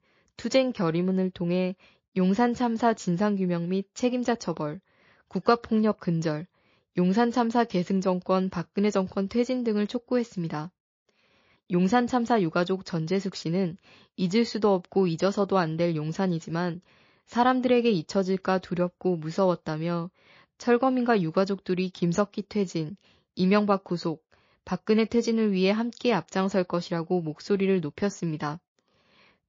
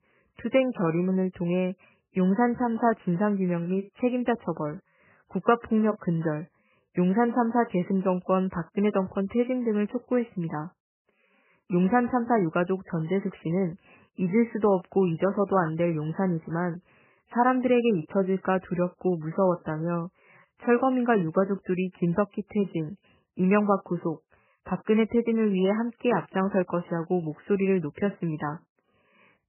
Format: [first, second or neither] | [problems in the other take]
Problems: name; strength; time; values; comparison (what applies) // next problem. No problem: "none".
first | garbled, watery; badly; nothing above 3 kHz; slightly in the first